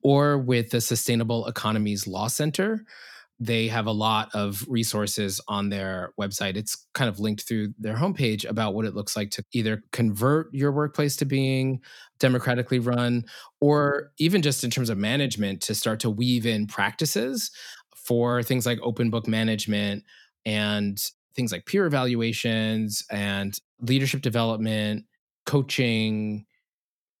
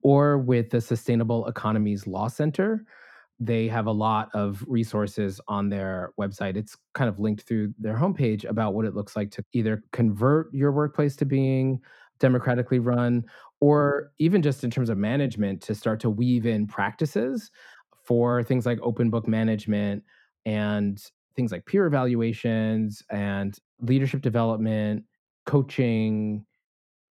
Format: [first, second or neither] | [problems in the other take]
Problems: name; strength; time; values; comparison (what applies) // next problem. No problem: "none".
first | muffled; very; fading above 2.5 kHz